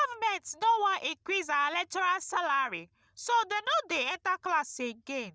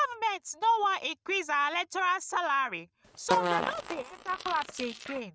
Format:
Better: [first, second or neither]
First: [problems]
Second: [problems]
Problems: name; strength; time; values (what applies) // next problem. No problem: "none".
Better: first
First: none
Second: noise reduction (neural mask model RNNoise)